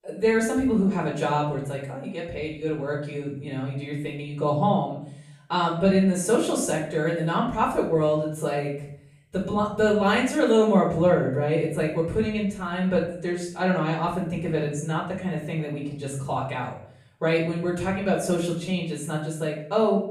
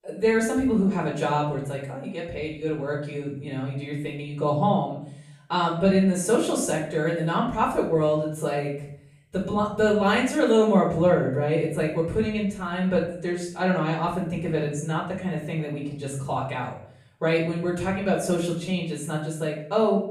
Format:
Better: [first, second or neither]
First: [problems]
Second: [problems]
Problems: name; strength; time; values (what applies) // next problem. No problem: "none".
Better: neither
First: room echo; noticeable; dies away in 0.5 s // off-mic speech; far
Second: room echo; noticeable; dies away in 0.5 s // off-mic speech; far